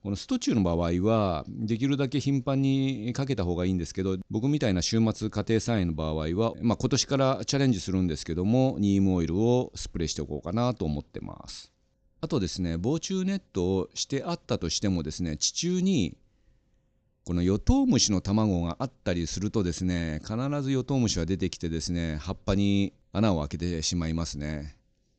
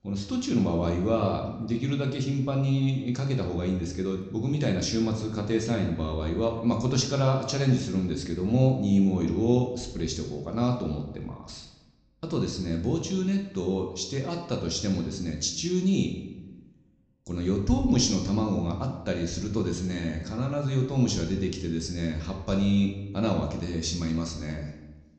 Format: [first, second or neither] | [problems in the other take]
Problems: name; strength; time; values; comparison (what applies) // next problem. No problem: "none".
first | room echo; slight; dies away in 0.8 s